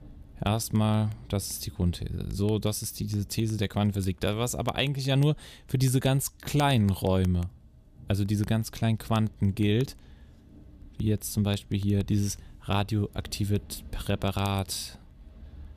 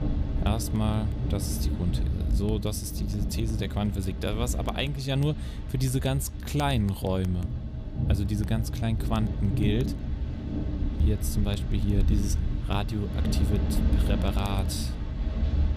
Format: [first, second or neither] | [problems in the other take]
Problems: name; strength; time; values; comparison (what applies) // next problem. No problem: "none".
first | rain or running water; loud; throughout; as loud as the speech; faint in the first